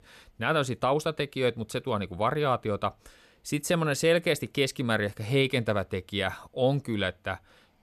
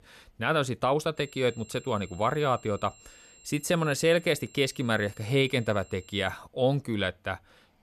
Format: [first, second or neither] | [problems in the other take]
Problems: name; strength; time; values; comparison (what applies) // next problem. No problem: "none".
first | high-pitched whine; faint; from 1 to 6.5 s; 7.5 kHz, 25 dB below the speech